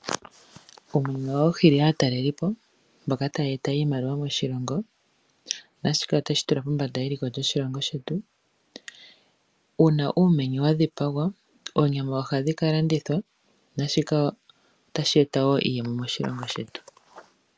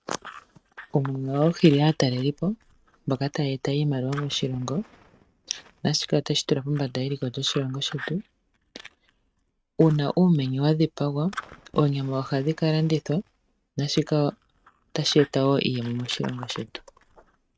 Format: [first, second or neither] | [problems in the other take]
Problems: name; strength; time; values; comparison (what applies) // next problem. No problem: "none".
first | noise reduction (neural mask model RNNoise)